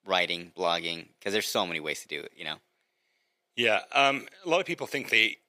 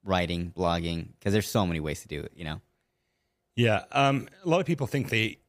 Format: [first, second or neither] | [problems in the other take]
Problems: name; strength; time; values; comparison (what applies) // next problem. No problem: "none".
second | thin; somewhat; fading below 400 Hz